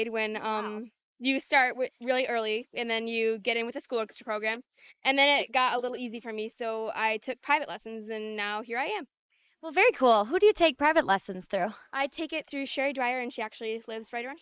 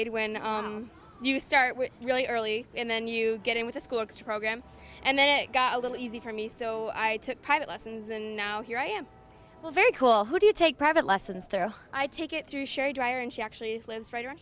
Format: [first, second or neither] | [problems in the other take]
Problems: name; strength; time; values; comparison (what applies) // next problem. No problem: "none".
second | noise reduction (neural mask model Resemble Enhance denoiser)